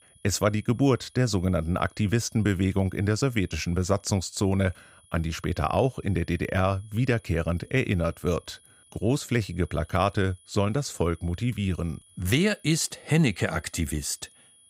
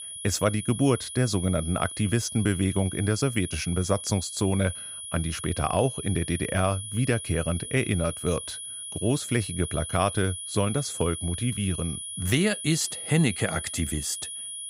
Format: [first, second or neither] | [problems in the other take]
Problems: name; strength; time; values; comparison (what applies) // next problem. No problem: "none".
first | high-pitched whine; loud; throughout; 10.5 kHz, 7 dB below the speech; faint in the first